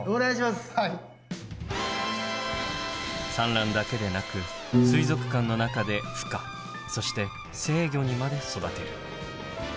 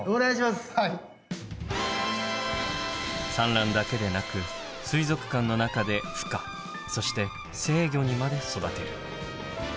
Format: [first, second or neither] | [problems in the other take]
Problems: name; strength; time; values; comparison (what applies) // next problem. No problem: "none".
second | background sound (Piano); 5 dB below the speech